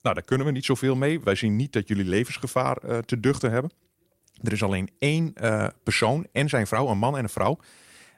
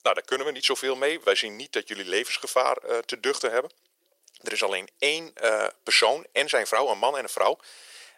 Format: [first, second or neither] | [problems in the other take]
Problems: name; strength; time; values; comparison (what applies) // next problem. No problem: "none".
first | thin; very; fading below 450 Hz